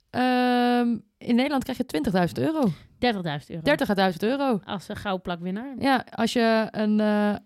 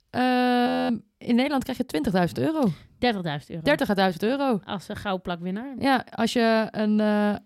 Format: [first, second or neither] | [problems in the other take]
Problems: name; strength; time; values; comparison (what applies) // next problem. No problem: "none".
first | audio freezing; at 0.5 s